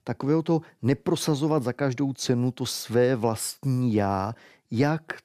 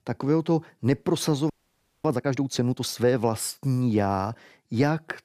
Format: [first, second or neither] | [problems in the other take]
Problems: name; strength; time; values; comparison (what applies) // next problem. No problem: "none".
first | audio freezing; at 1.5 s for 0.5 s